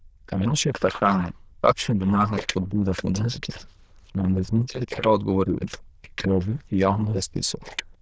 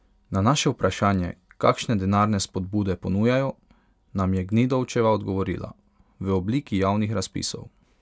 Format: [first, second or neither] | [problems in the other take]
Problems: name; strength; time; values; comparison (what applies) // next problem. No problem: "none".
second | noise reduction (neural diffusion model UNIVERSE++)